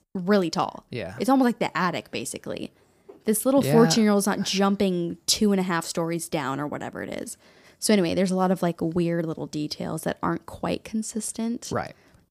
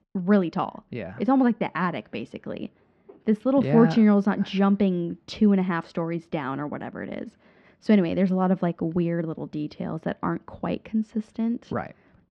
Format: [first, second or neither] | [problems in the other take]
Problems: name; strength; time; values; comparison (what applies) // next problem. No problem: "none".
first | muffled; very; fading above 3 kHz